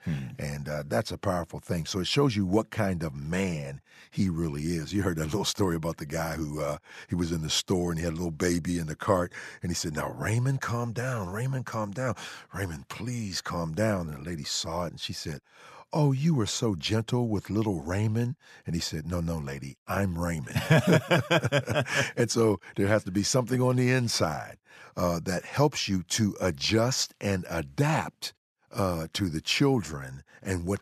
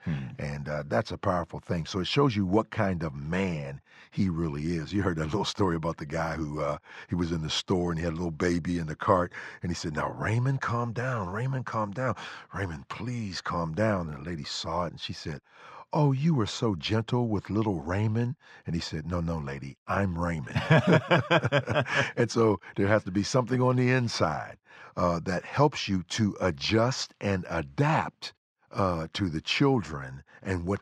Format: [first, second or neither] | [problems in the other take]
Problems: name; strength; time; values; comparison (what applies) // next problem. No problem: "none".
first | muffled; very slightly; fading above 4.5 kHz